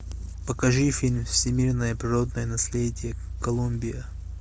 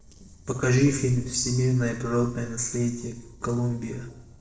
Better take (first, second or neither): first